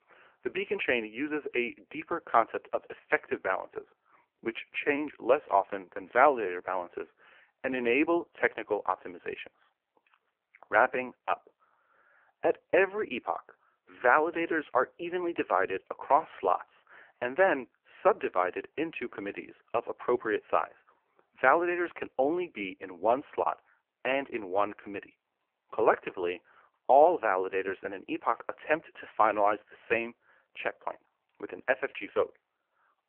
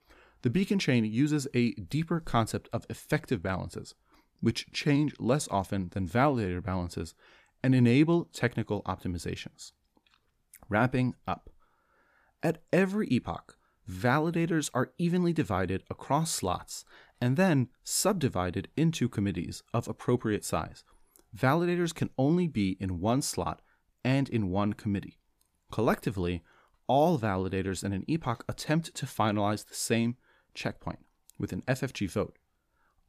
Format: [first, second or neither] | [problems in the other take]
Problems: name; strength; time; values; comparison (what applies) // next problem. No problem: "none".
second | phone-call audio; poor line